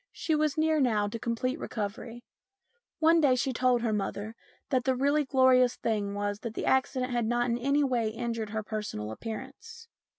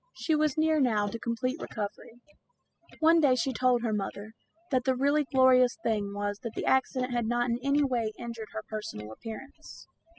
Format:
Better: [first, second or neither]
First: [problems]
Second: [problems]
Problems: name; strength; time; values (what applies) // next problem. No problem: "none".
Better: first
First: none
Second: noise reduction (classical method spectral subtraction)